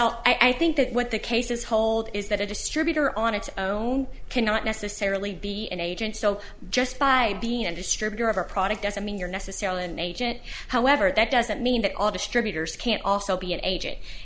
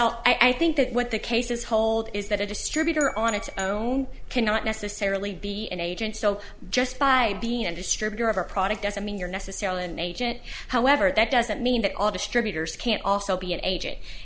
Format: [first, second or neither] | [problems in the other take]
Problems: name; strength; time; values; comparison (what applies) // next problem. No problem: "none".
first | background sound (Glass / Bell); 15 dB below the speech